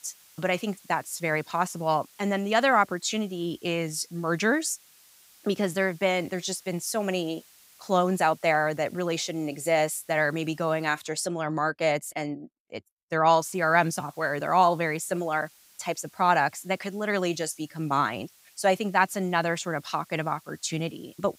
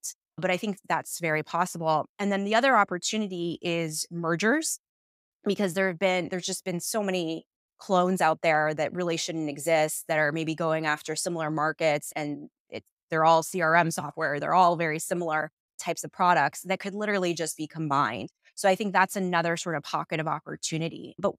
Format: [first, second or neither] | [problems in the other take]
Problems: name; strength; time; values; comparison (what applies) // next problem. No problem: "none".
second | hiss; faint; until 11 s and from 13 s on; 25 dB below the speech